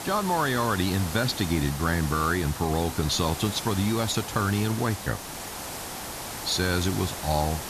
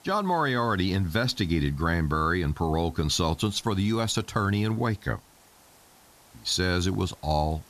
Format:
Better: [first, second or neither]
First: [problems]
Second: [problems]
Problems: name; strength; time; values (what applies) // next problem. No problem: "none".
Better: second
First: hiss; loud; throughout; 8 dB below the speech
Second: hiss; faint; throughout; 30 dB below the speech